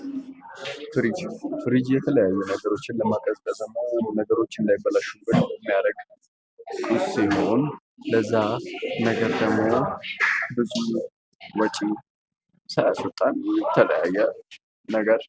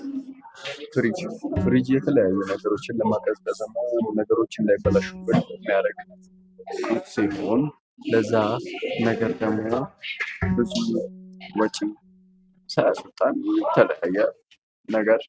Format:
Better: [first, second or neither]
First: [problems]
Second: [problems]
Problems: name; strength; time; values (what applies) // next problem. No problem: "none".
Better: first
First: none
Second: noise reduction (neural mask model RNNoise)